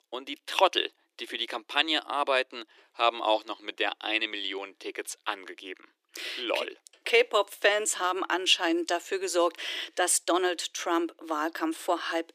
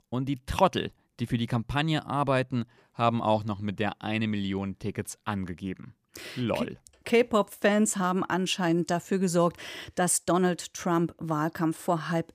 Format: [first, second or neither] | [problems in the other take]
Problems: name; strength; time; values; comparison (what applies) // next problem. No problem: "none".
second | thin; very; fading below 300 Hz